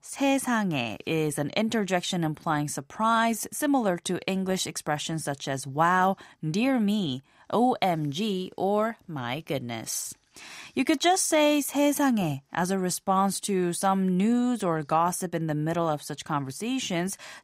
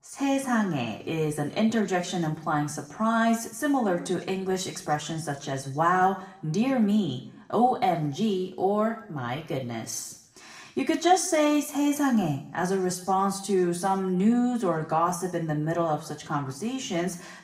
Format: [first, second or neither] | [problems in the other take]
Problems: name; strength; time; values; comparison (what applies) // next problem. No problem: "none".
first | room echo; slight; dies away in 0.6 s // off-mic speech; somewhat distant